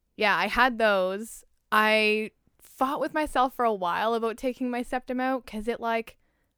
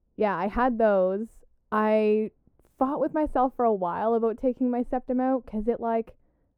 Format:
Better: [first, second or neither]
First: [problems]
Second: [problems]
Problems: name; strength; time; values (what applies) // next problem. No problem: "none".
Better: first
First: none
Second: muffled; very; fading above 1.5 kHz